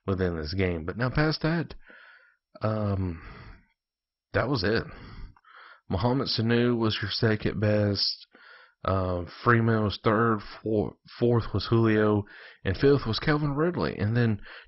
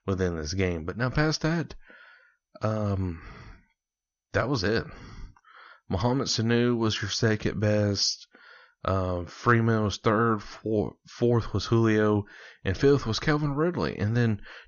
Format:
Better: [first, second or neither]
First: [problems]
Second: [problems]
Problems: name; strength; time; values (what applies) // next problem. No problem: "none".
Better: second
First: garbled, watery; badly; nothing above 5.5 kHz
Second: garbled, watery; slightly; nothing above 6.5 kHz